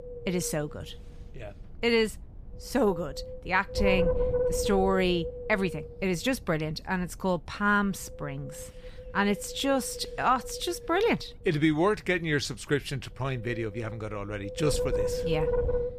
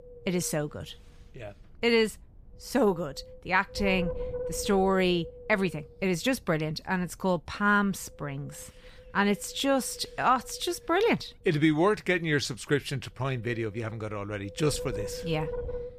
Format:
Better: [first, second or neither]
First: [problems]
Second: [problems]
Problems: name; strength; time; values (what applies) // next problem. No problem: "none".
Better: second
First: wind noise on the microphone; heavy; 5 dB below the speech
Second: wind noise on the microphone; occasional gusts; 15 dB below the speech